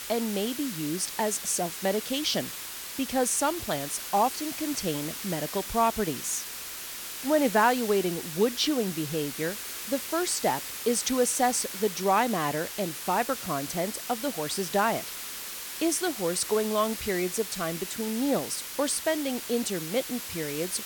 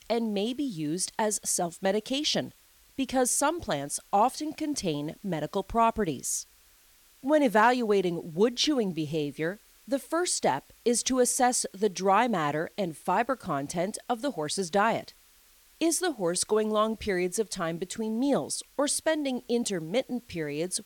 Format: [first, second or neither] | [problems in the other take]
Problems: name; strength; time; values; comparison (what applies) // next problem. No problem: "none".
second | hiss; loud; throughout; 7 dB below the speech; faint in the second